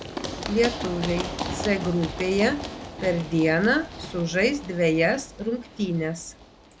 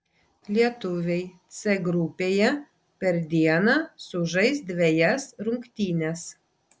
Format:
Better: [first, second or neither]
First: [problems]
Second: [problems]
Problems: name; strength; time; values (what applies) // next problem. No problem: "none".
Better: second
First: background sound (Run); 9 dB below the speech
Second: none